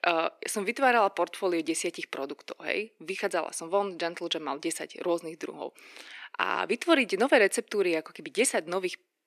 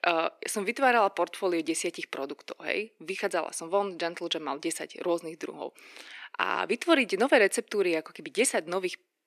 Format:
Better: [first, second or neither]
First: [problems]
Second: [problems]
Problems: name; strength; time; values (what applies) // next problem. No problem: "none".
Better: neither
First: thin; somewhat; fading below 350 Hz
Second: thin; somewhat; fading below 350 Hz